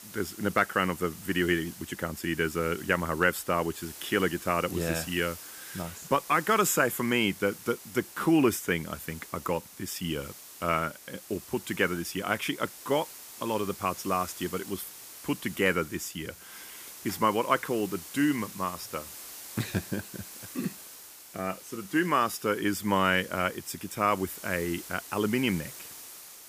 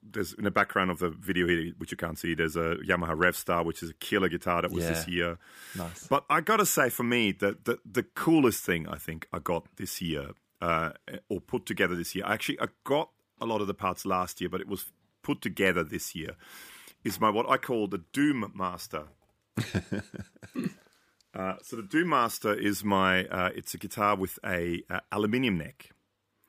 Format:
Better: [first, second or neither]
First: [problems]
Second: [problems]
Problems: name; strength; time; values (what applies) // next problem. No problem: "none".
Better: second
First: hiss; noticeable; throughout; 15 dB below the speech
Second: none